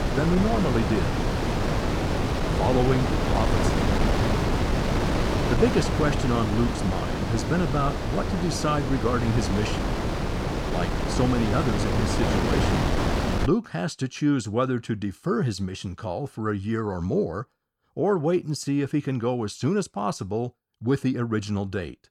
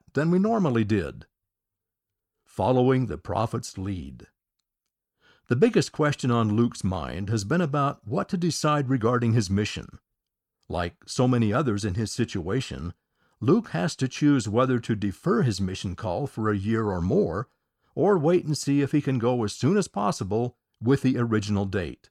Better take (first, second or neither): second